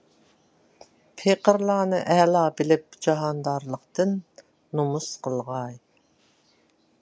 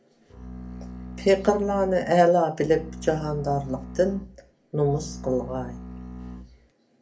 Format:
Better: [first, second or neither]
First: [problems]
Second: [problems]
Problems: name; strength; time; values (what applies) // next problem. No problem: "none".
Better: first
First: none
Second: background sound (Bowed string instrument); 13 dB below the speech // room echo; dies away in 0.3 s